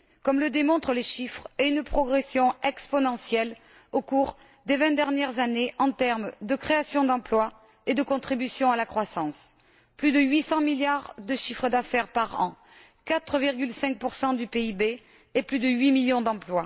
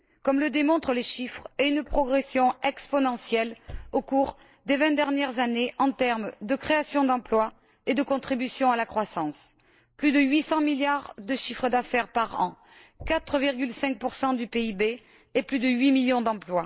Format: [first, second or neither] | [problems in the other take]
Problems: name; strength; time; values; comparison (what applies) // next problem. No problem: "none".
first | noise reduction (neural mask model Resemble Enhance denoiser)